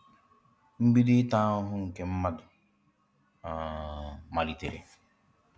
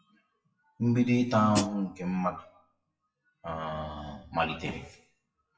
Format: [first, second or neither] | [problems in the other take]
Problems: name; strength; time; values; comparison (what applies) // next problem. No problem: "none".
first | noise reduction (classical method WPE with log-MMSE)